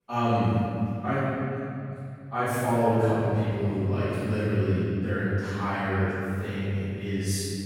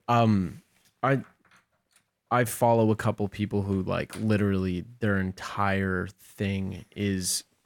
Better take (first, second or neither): second